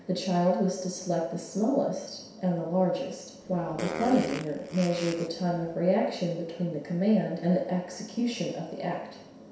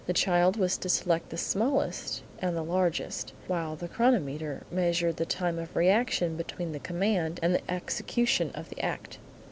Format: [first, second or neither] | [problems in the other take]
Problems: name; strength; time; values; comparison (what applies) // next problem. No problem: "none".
second | background sound (Fart); 9 dB below the speech // room echo; dies away in 0.7 s